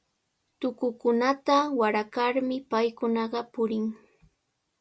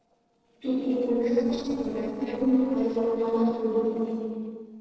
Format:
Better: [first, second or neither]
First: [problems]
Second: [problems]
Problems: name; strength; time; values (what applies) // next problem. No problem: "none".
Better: first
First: none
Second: noise reduction (neural separator model SepFormer DNS4)